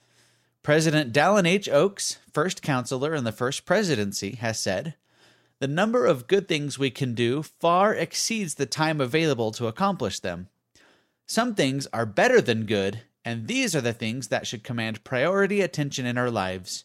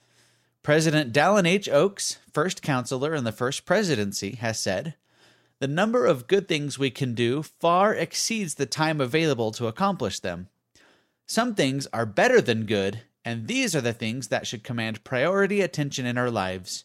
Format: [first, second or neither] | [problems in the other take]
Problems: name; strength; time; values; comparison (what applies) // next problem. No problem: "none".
neither | none